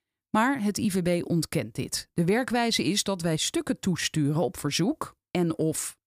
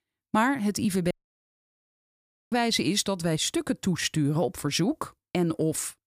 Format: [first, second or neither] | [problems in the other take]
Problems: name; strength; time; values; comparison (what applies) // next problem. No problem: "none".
first | audio cutting out; at 1 s for 1.5 s